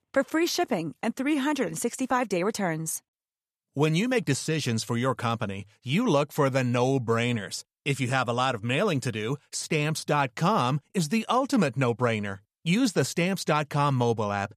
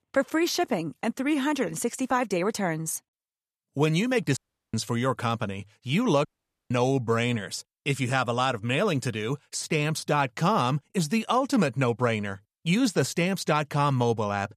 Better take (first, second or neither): first